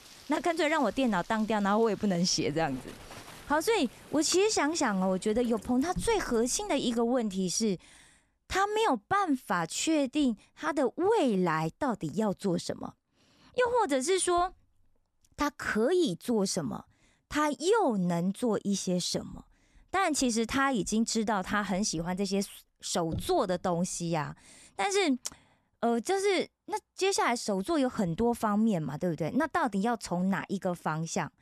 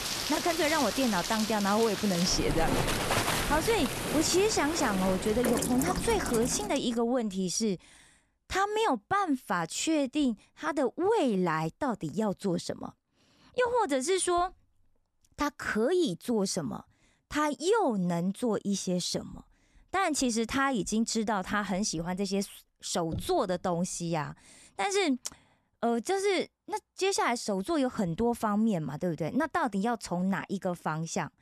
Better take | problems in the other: first | rain or running water; loud; until 6.5 s; 3 dB below the speech; faint in the first

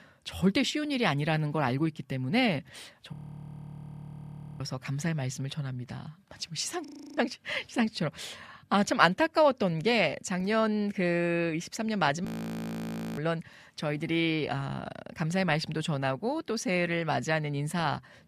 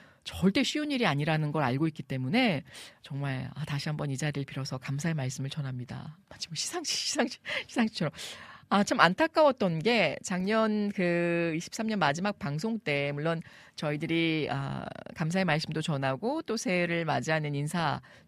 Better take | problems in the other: second | audio freezing; at 3 s for 1.5 s, at 7 s and at 12 s for 1 s

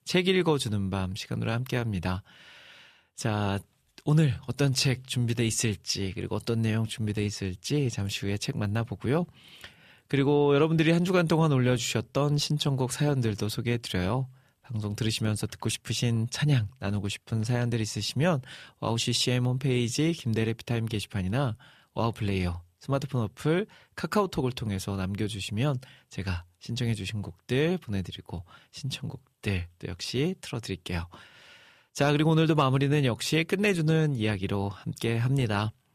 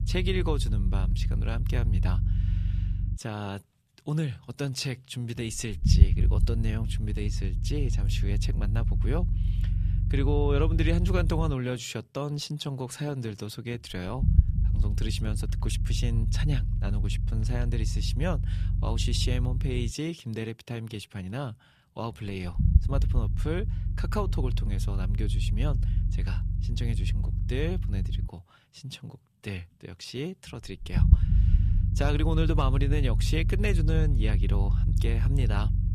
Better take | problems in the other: first | low rumble; loud; throughout; 8 dB below the speech

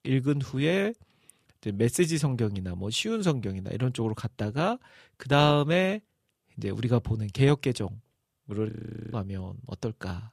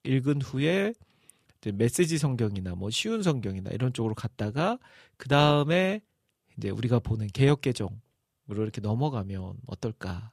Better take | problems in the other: second | audio freezing; at 8.5 s

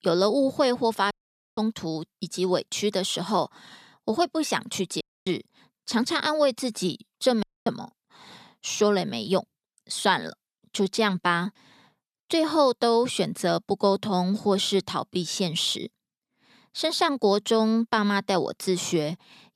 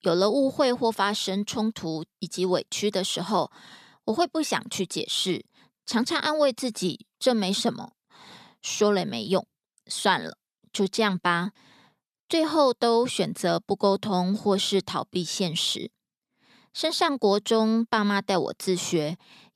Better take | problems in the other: second | audio cutting out; at 1 s, at 5 s and at 7.5 s

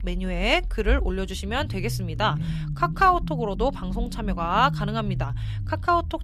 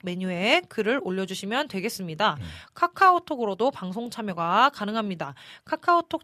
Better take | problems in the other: second | low rumble; noticeable; throughout; 20 dB below the speech

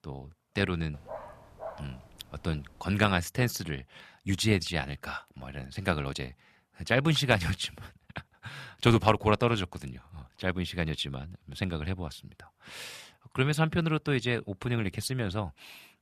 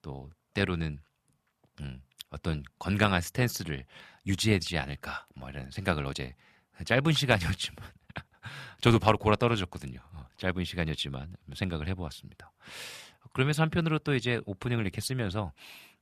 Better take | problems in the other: second | dog barking; faint; from 1 to 3 s; peak 15 dB below the speech

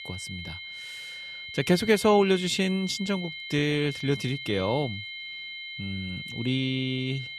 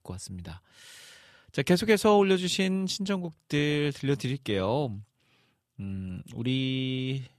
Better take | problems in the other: second | high-pitched whine; loud; throughout; 2 kHz, 10 dB below the speech

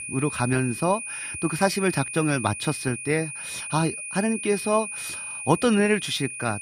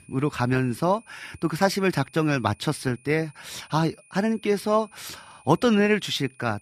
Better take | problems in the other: second | high-pitched whine; loud; throughout; 2.5 kHz, 7 dB below the speech; faint in the second

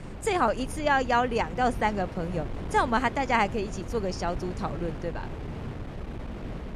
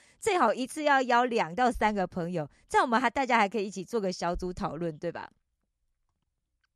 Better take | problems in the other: second | wind noise on the microphone; occasional gusts; 15 dB below the speech

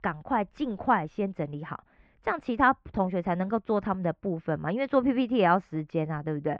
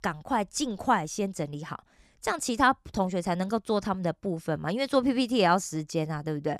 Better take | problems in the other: second | muffled; very; fading above 2.5 kHz

